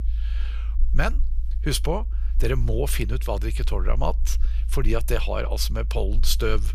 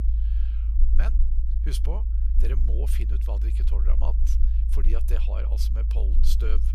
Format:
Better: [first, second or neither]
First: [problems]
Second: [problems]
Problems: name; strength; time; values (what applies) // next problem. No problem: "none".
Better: first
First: low rumble; faint; throughout; 20 dB below the speech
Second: low rumble; loud; throughout; 5 dB below the speech